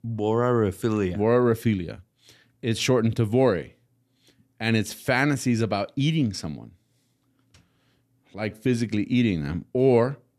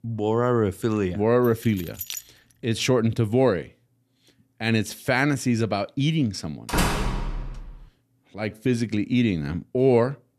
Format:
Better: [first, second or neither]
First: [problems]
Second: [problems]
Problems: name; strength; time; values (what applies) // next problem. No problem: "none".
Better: first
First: none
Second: jangling keys; noticeable; at 1.5 s; peak 9 dB below the speech // door banging; noticeable; from 6.5 to 7.5 s; peak level with the speech